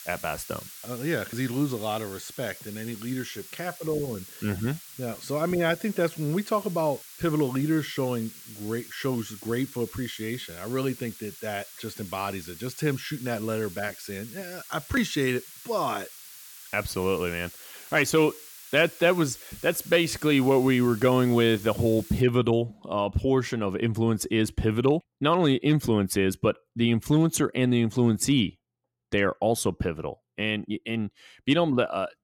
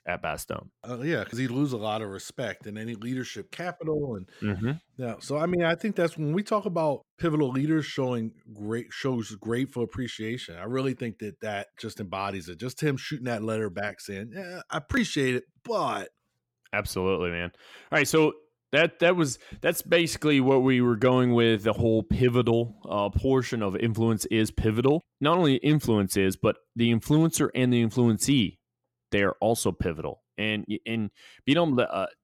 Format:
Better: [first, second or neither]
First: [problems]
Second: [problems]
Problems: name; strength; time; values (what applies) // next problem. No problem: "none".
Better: second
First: hiss; noticeable; until 22 s; 15 dB below the speech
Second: none